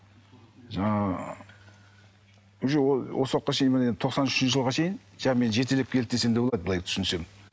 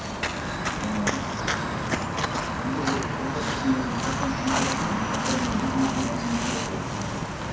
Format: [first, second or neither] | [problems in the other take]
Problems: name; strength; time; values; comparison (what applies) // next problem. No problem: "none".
first | background sound (Walk, footsteps); 4 dB above the speech // room echo; dies away in 0.6 s